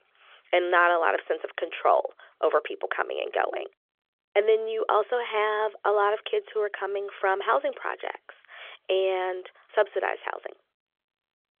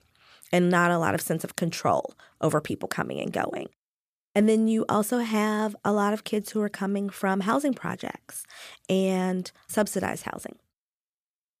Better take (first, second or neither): second